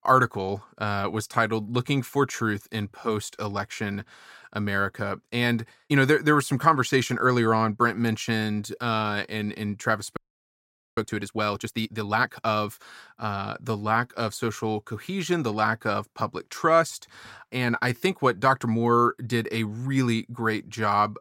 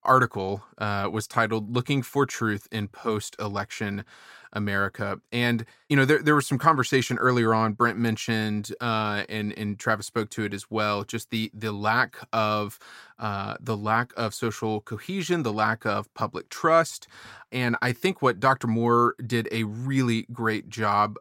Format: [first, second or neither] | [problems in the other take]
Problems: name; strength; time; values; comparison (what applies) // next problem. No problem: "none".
second | audio freezing; at 10 s for 1 s